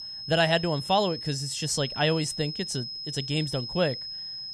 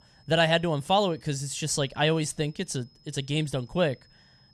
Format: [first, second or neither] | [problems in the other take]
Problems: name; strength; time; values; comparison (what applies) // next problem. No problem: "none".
second | high-pitched whine; loud; throughout; 5 kHz, 7 dB below the speech; faint in the second